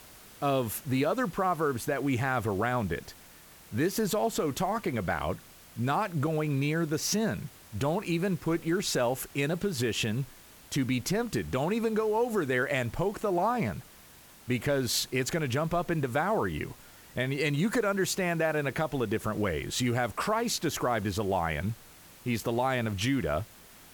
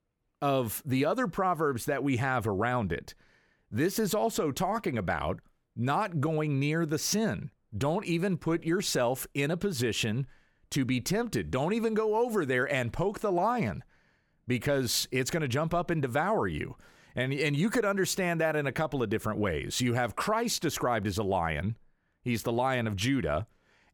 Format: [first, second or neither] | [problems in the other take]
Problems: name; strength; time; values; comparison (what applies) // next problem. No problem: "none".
second | hiss; faint; throughout; 20 dB below the speech